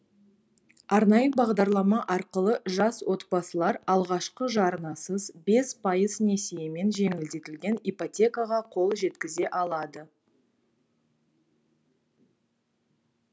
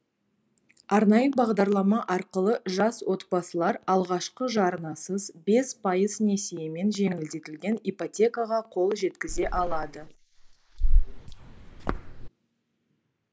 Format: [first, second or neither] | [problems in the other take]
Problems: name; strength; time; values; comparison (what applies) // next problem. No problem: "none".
first | noise reduction (neural mask model Resemble Enhance denoiser)